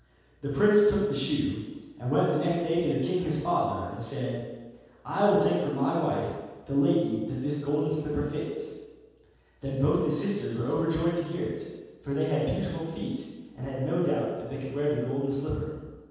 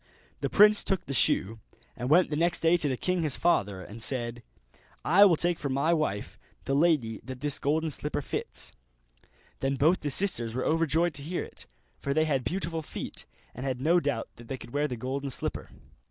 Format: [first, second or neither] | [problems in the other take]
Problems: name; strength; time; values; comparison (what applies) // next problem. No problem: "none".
second | room echo; dies away in 1.2 s